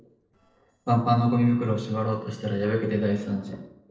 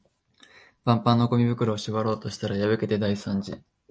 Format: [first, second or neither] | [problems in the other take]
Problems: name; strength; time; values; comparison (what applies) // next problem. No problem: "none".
second | noise reduction (neural separator model SepFormer DNS4)